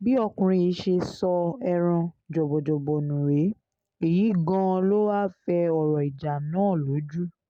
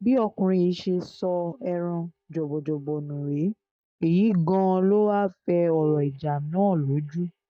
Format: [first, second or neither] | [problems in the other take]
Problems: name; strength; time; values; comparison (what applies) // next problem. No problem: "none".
first | noise reduction (neural mask model DeepFilterNet 3)